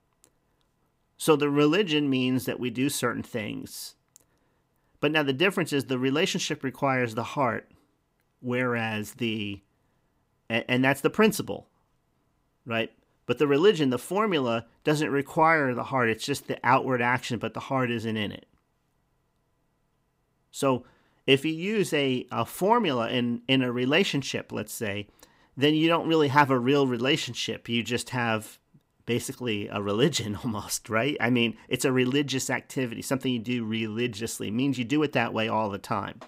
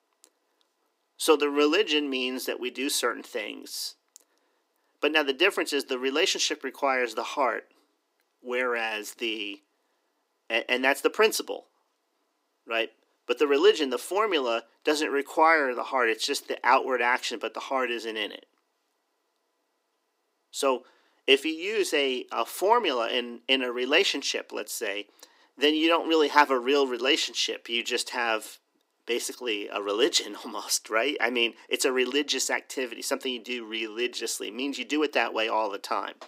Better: first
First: none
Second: thin; somewhat; fading below 300 Hz

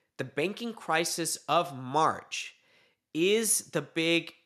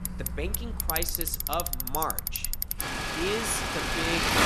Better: first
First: none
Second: traffic noise; very loud; throughout; 4 dB above the speech

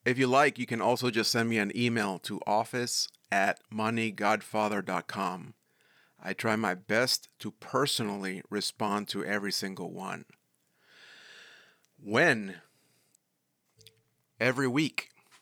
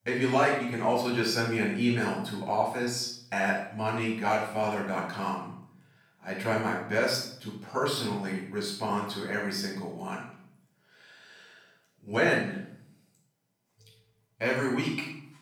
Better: first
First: none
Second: off-mic speech; far // room echo; noticeable; dies away in 0.6 s

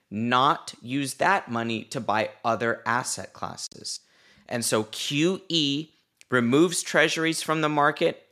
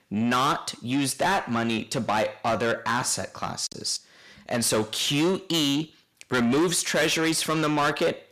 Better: first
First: none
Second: distortion; heavy; 6 dB below the speech

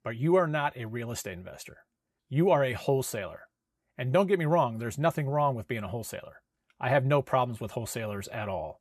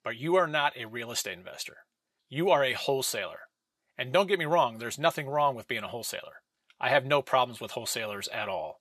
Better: first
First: none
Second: thin; somewhat; fading below 1 kHz

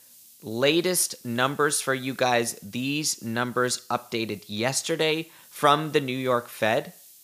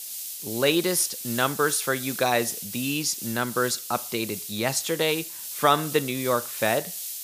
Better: first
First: hiss; faint; throughout; 25 dB below the speech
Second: hiss; loud; throughout; 7 dB below the speech

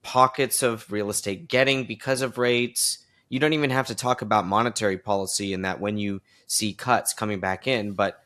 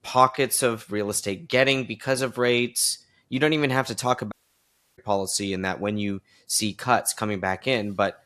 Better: first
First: none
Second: audio cutting out; at 4.5 s for 0.5 s

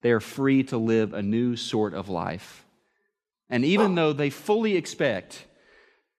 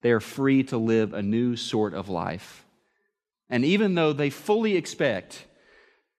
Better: second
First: dog barking; noticeable; at 4 s; peak 5 dB below the speech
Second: none

